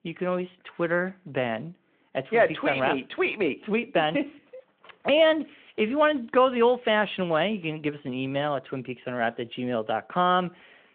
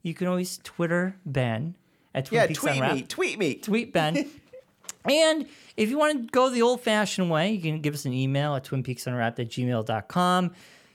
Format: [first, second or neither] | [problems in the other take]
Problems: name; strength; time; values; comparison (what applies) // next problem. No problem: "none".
second | phone-call audio